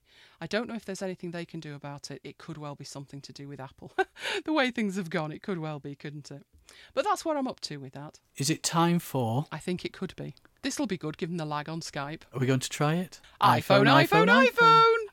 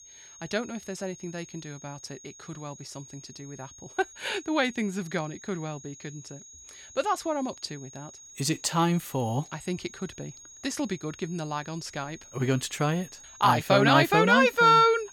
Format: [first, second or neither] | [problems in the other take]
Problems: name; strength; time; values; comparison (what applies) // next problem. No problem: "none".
first | high-pitched whine; faint; throughout; 6.5 kHz, 20 dB below the speech